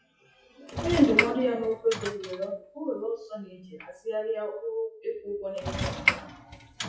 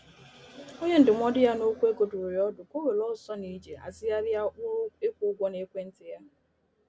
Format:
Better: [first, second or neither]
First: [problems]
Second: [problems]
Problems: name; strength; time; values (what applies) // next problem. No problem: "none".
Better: second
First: noise reduction (classical method WPE with log-MMSE)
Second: none